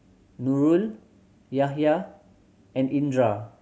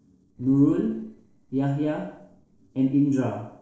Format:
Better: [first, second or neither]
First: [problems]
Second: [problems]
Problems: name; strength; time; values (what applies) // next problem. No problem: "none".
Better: first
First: none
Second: noise reduction (neural separator model SepFormer DNS4)